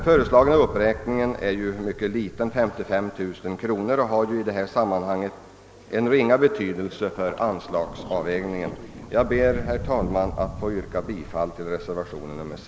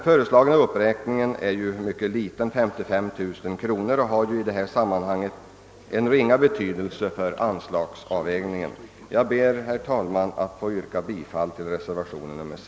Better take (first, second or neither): second